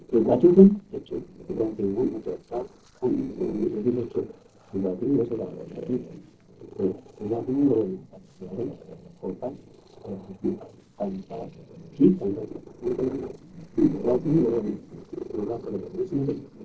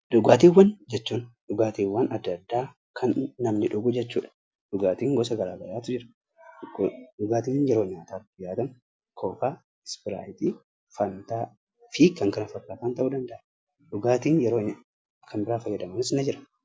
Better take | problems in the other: second | noise reduction (neural separator model SepFormer DNS4)

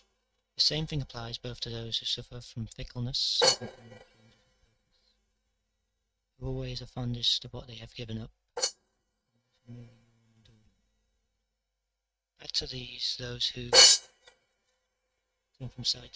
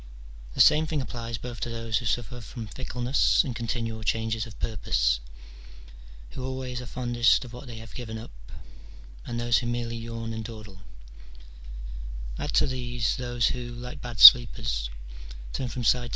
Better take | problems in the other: second | noise reduction (neural mask model RNNoise)

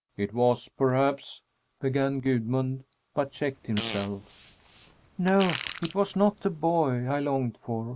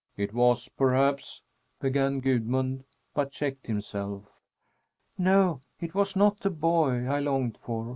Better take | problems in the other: second | background sound (Fart); 12 dB below the speech

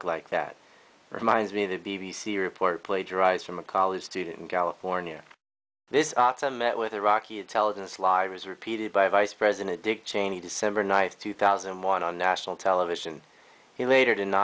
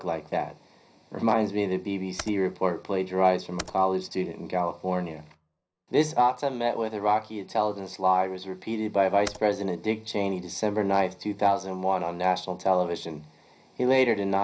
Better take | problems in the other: first | background sound (Computer keyboard); 18 dB below the speech // room echo; dies away in 0.4 s

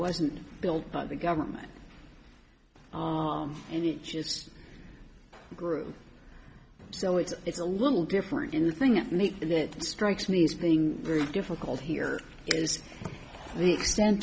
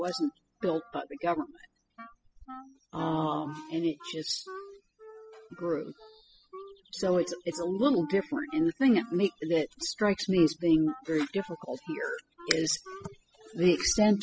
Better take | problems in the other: first | noise reduction (classical method spectral subtraction)

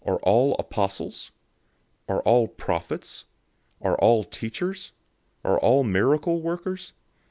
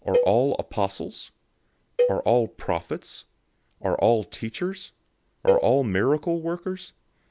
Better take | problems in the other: first | background sound (Cowbell); 4 dB below the speech

